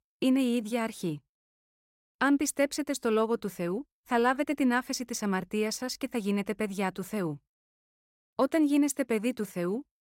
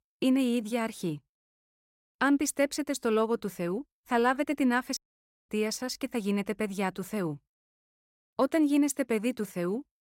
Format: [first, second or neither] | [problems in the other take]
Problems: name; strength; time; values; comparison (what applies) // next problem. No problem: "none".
first | audio cutting out; at 5 s for 0.5 s